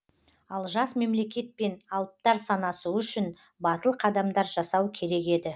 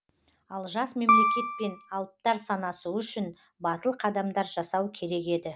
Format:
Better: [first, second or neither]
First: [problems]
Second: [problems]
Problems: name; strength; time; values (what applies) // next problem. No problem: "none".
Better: first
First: none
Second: background sound (Piano); 5 dB above the speech